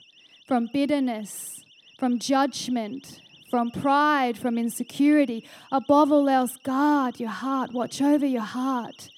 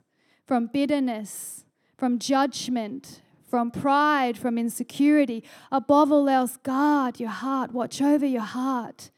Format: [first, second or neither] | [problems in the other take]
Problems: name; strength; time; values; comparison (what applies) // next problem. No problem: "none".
second | alarms or sirens; faint; throughout; 25 dB below the speech